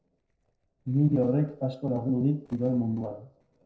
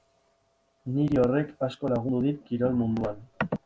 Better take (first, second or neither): second